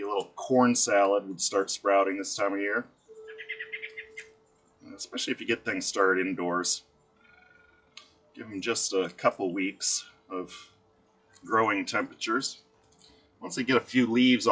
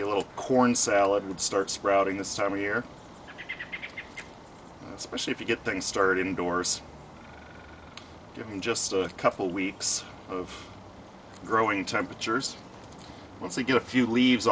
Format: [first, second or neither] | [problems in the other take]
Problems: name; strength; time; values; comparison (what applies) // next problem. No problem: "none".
second | noise reduction (classical method log-MMSE)